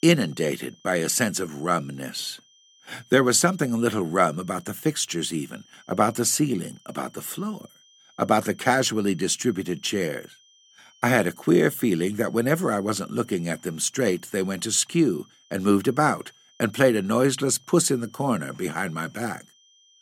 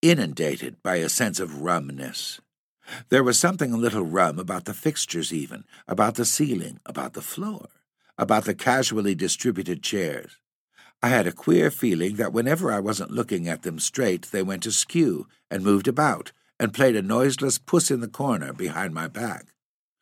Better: second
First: high-pitched whine; faint; throughout; 3 kHz, 30 dB below the speech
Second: none

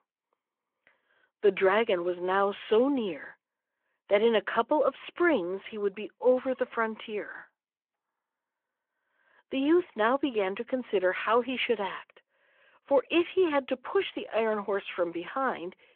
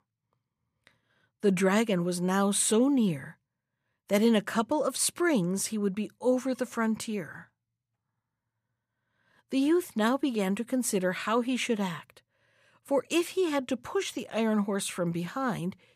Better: second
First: phone-call audio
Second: none

